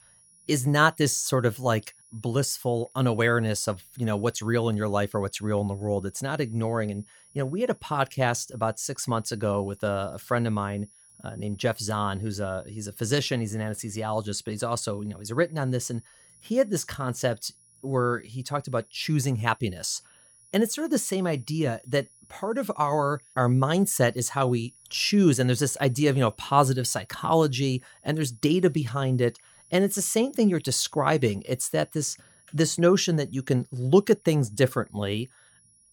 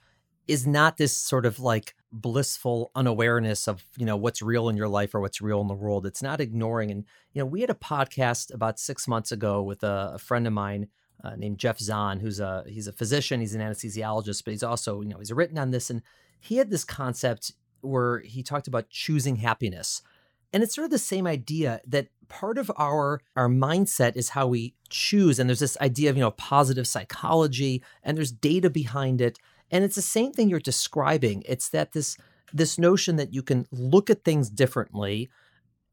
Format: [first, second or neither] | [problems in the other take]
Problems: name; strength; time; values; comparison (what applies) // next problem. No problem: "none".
second | high-pitched whine; faint; throughout; 10.5 kHz, 30 dB below the speech